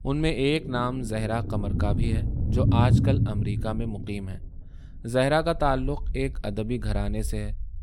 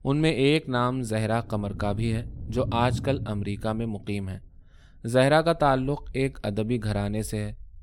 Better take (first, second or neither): second